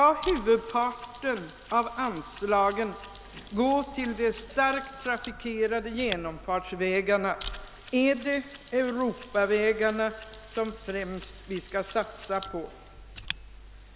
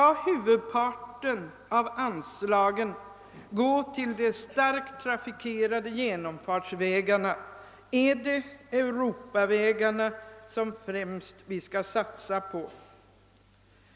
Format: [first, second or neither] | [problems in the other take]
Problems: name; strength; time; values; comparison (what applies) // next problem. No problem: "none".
second | background sound (Mechanisms); 16 dB below the speech